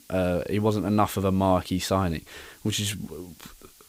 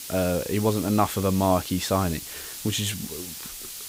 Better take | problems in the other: first | hiss; loud; throughout; 9 dB below the speech; faint in the first

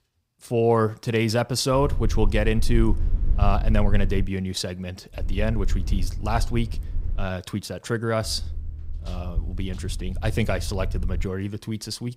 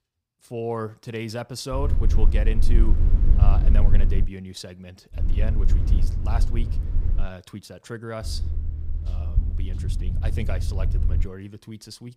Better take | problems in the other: first | low rumble; loud; from 2 to 4.5 s, from 5 to 7 s and from 8 to 11 s; 7 dB below the speech; faint in the first

